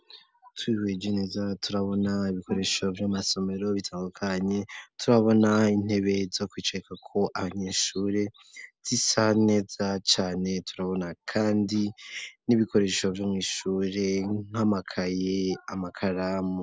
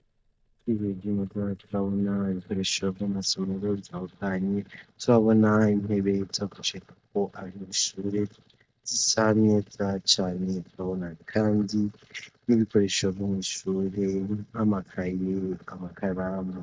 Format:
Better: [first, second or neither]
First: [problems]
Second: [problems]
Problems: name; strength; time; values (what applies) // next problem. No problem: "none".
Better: first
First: none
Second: noise reduction (neural mask model DeepFilterNet 3)